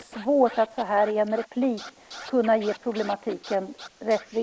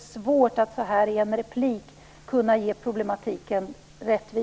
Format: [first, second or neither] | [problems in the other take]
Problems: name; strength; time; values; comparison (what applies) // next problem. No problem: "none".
second | noise reduction (neural mask model Resemble Enhance denoiser)